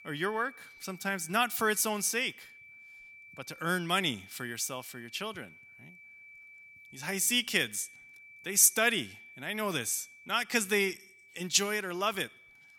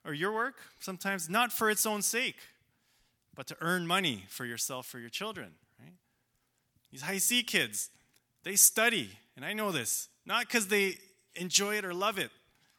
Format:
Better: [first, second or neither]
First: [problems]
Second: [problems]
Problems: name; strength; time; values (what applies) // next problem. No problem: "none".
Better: second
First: high-pitched whine; faint; throughout; 2.5 kHz, 20 dB below the speech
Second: none